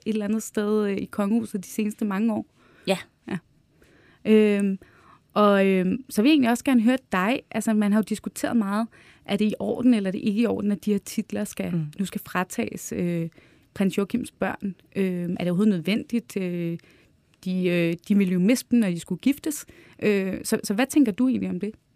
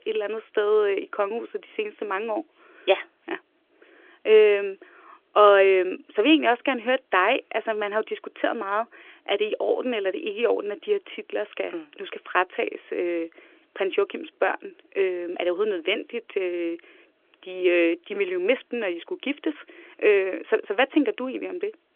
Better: first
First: none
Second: phone-call audio; nothing above 3 kHz

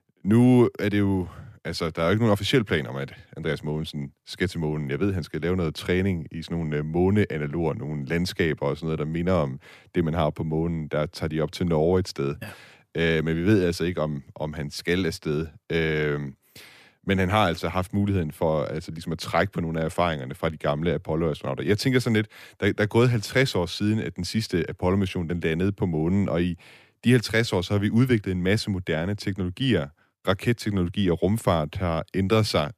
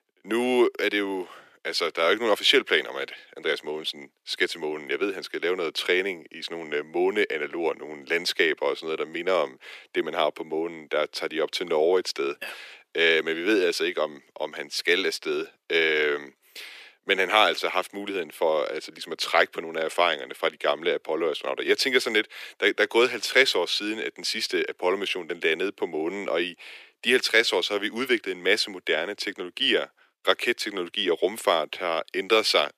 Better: first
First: none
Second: thin; very; fading below 350 Hz

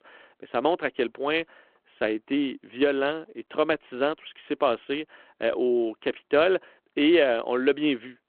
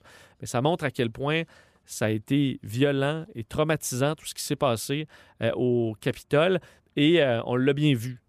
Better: second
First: phone-call audio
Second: none

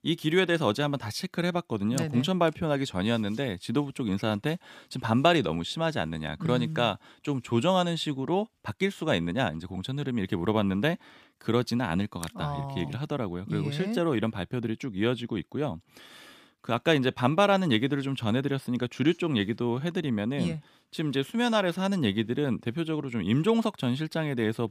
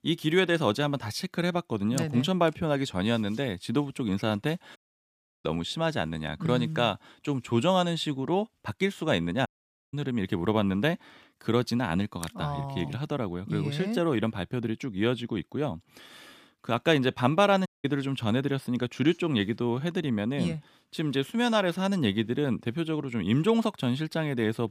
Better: first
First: none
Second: audio cutting out; at 5 s for 0.5 s, at 9.5 s and at 18 s

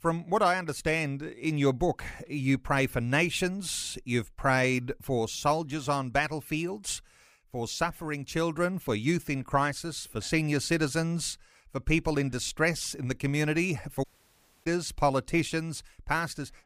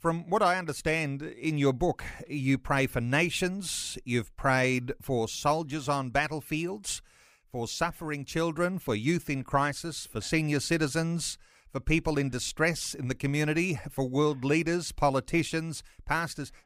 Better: second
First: audio cutting out; at 14 s for 0.5 s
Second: none

